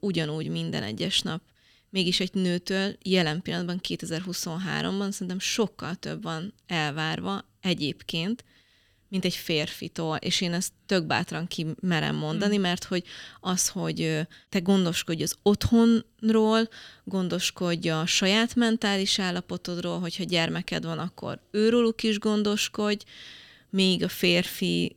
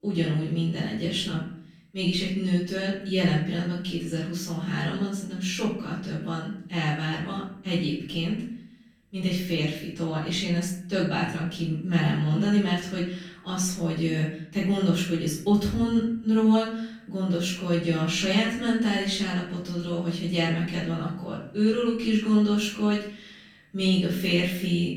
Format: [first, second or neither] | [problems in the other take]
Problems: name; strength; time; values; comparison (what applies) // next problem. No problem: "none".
first | off-mic speech; far // room echo; noticeable; dies away in 0.6 s